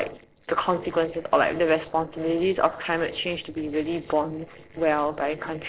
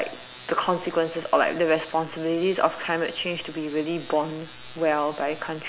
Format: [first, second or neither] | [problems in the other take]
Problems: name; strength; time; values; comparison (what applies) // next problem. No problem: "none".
second | noise reduction (neural separator model SepFormer DNS4)